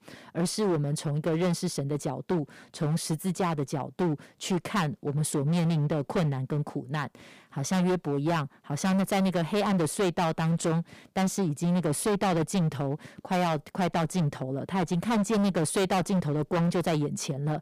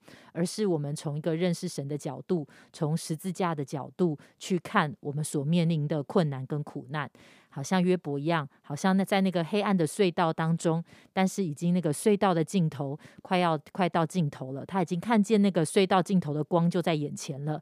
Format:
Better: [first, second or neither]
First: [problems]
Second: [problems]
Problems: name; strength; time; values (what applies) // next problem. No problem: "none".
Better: second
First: distortion; heavy; 19% of the sound clipped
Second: none